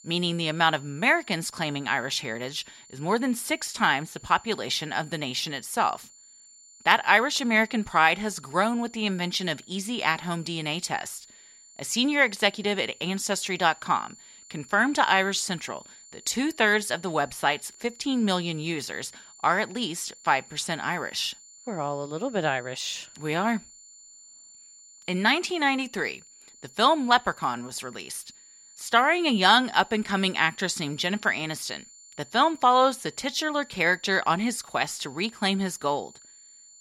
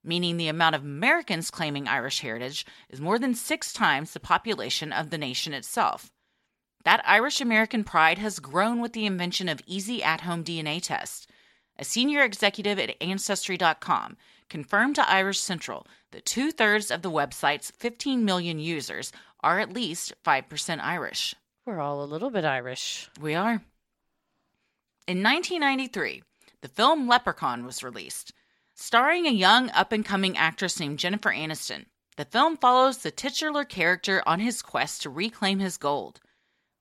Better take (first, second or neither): second